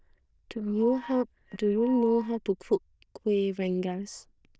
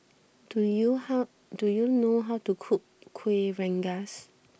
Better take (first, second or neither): second